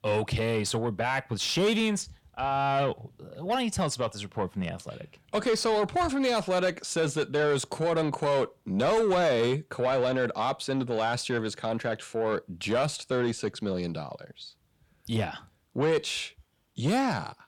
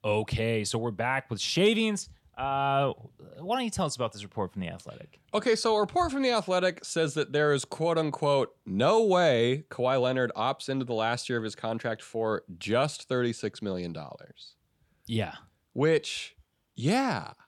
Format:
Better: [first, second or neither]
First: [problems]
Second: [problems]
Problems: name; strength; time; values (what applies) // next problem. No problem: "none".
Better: second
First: distortion; slight; 10 dB below the speech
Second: none